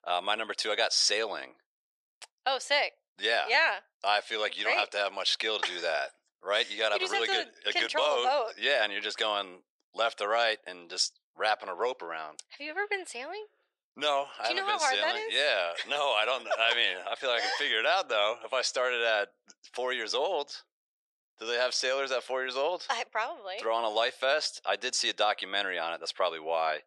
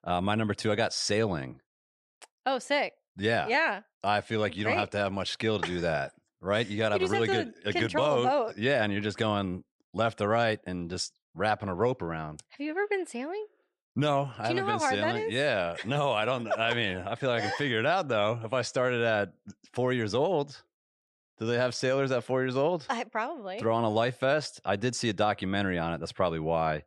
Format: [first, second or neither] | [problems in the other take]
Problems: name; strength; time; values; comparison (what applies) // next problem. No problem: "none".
second | thin; very; fading below 500 Hz